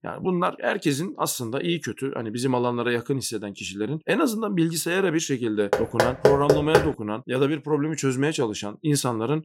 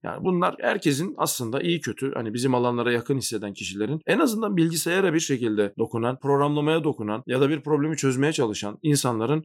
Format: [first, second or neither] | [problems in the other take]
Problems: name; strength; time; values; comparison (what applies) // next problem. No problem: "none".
second | door banging; loud; from 5.5 to 7 s; peak 5 dB above the speech